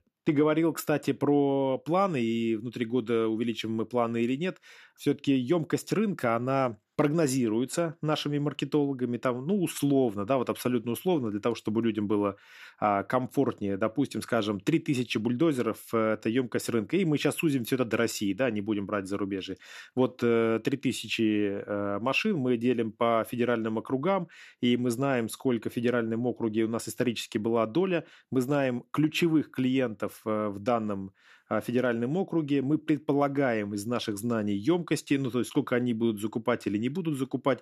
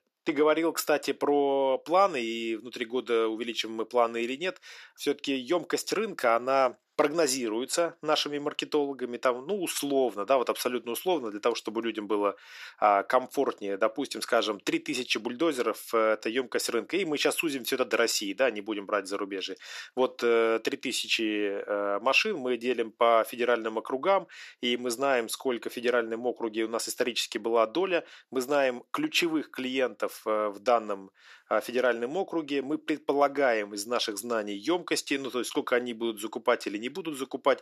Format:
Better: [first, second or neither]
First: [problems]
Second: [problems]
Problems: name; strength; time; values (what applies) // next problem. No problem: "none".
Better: first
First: none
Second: thin; somewhat; fading below 500 Hz